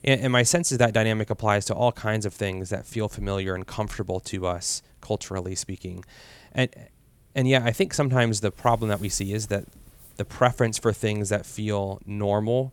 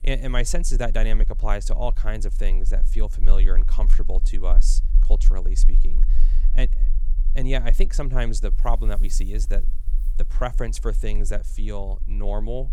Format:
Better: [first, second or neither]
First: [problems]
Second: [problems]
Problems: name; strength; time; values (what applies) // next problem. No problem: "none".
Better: first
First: none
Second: low rumble; noticeable; throughout; 20 dB below the speech